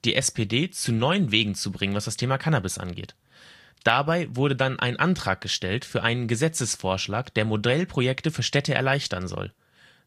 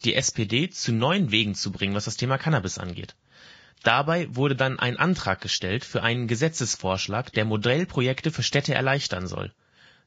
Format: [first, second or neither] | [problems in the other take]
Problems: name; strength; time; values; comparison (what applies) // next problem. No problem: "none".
first | garbled, watery; badly; slightly in the first